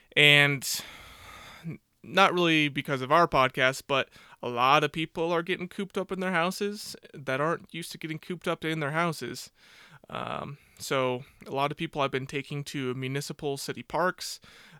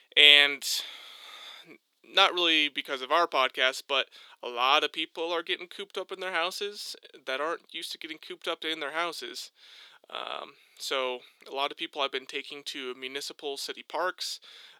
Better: first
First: none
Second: thin; somewhat; fading below 350 Hz

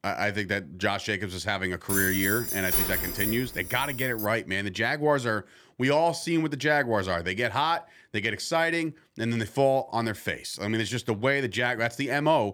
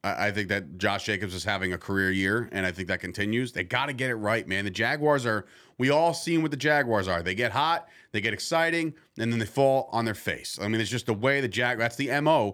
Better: second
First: jangling keys; loud; from 2 to 4.5 s; peak 3 dB above the speech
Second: none

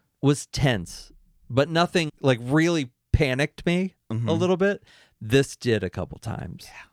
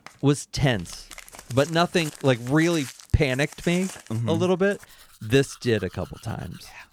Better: first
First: none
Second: household noises; noticeable; throughout; 20 dB below the speech

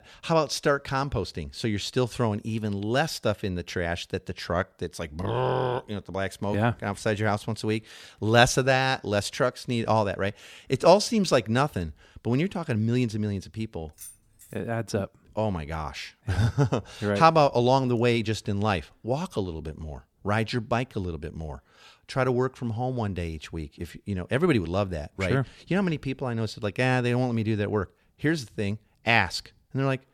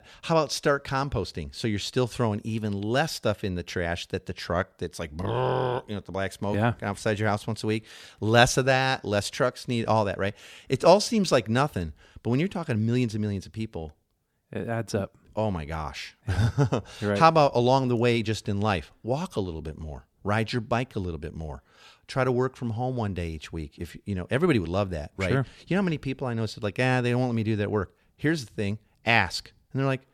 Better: second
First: jangling keys; faint; at 14 s; peak 15 dB below the speech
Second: none

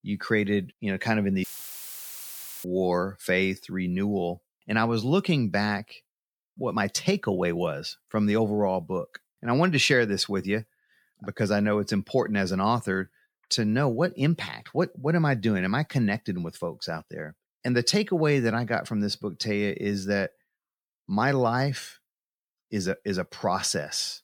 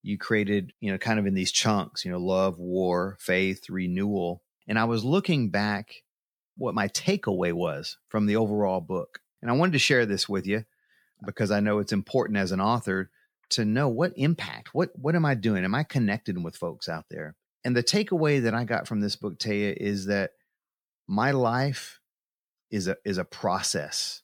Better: second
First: audio cutting out; filled with static; at 1.5 s for 1 s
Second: none

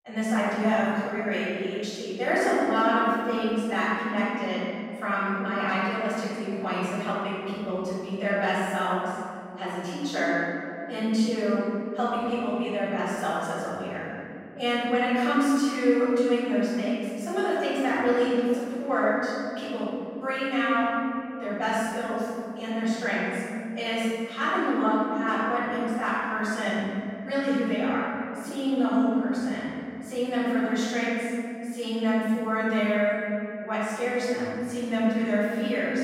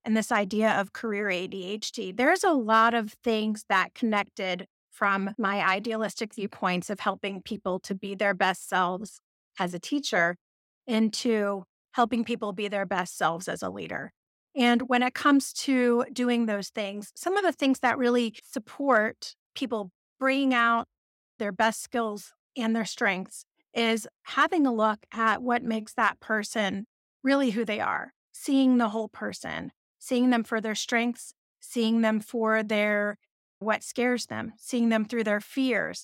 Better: second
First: off-mic speech; far // room echo; strong; dies away in 2.5 s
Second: none

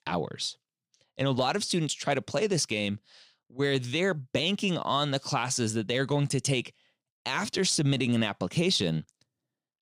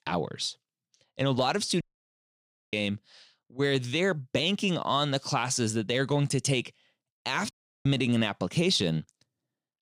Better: first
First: none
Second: audio cutting out; at 2 s for 1 s and at 7.5 s

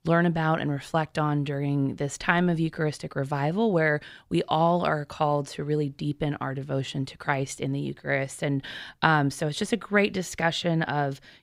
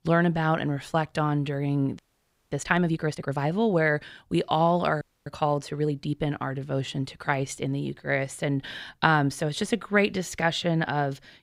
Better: first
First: none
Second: audio freezing; at 2 s for 0.5 s and at 5 s

